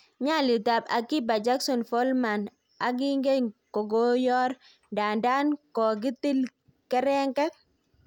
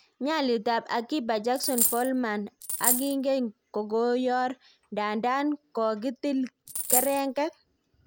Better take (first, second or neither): first